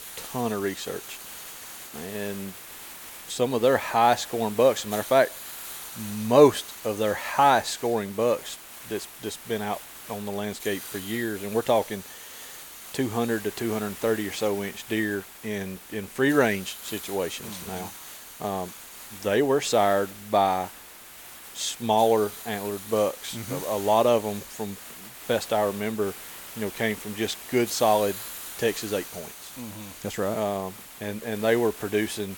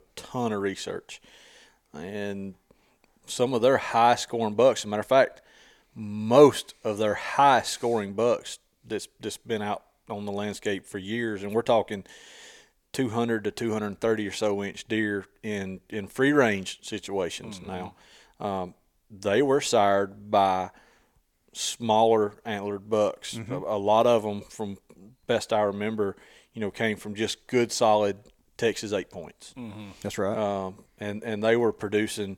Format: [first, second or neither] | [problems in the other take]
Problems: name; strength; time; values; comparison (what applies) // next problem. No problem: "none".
second | hiss; noticeable; throughout; 15 dB below the speech